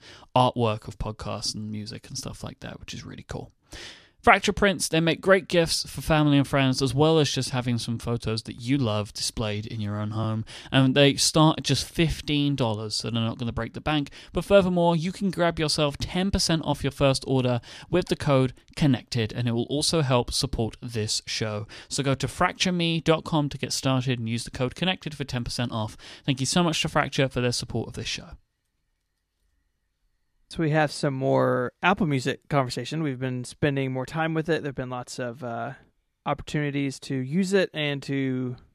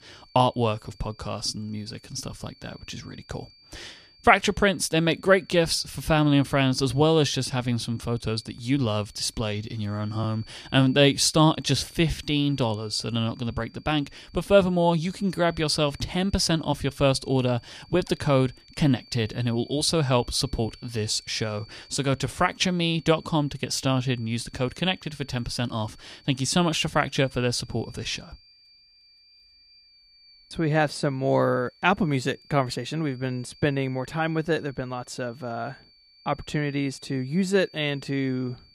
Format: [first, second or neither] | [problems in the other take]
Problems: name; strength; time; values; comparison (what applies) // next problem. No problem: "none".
first | high-pitched whine; faint; throughout; 4.5 kHz, 25 dB below the speech